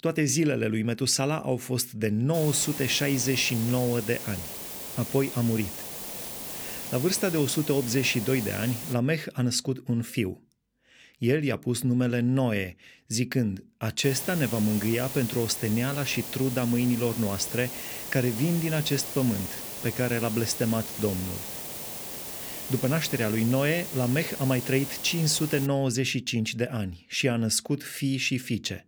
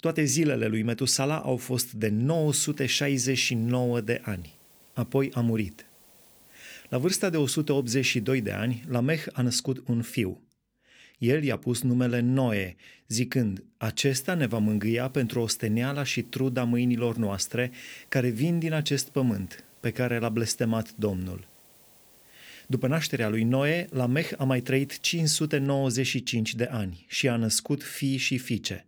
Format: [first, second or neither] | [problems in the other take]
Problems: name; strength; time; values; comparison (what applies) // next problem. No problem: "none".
second | hiss; loud; from 2.5 to 9 s and from 14 to 26 s; 7 dB below the speech; faint in the second